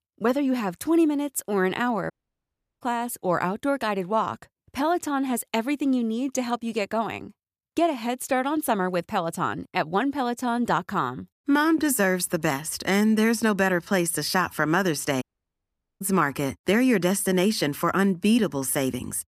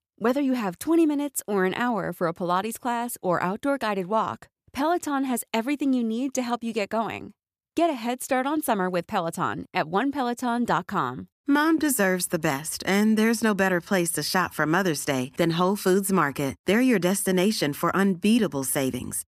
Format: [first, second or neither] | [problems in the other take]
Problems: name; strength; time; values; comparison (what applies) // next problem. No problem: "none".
second | audio cutting out; at 2 s for 0.5 s and at 15 s for 1 s